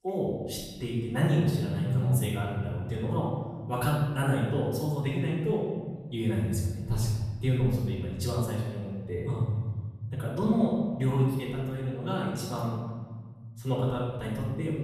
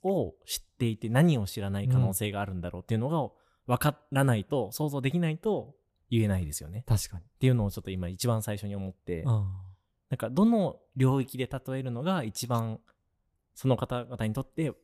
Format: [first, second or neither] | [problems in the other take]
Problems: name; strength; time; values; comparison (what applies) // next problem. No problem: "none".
second | off-mic speech; far // room echo; noticeable; dies away in 1.5 s